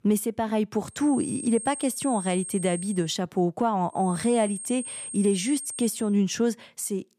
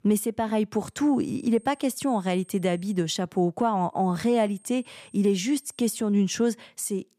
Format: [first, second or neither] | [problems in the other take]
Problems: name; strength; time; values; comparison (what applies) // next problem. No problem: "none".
second | high-pitched whine; loud; from 1 to 3 s and from 4 to 6 s; 8.5 kHz, 9 dB below the speech; faint in the second